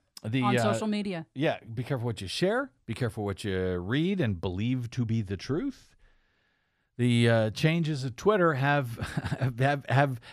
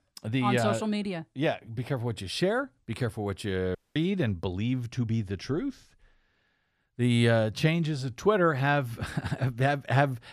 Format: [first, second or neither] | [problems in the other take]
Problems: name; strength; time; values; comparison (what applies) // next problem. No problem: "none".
first | audio cutting out; at 4 s